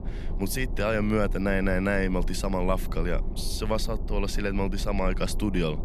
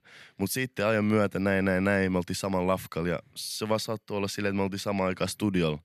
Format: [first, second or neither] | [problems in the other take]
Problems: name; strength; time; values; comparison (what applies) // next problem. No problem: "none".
second | low rumble; noticeable; throughout; 15 dB below the speech